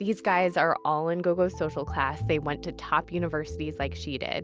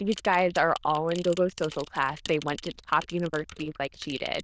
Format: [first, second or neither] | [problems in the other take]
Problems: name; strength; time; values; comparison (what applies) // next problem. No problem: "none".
first | noise reduction (neural diffusion model UNIVERSE++)